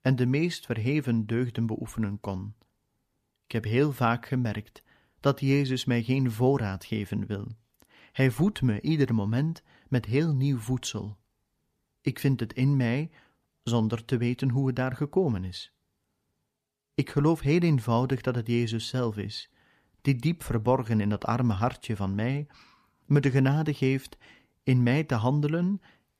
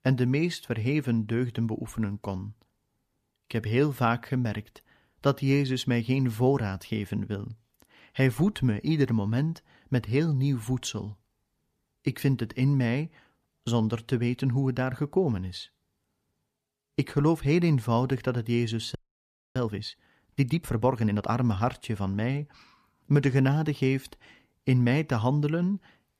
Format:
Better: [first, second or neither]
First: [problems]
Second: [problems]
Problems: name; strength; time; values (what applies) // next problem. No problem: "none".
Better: first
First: none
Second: audio freezing; at 19 s for 0.5 s